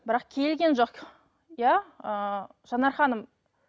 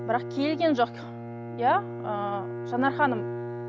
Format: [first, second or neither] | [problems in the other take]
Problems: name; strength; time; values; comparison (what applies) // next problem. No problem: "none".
first | background sound (Bowed string instrument); 7 dB below the speech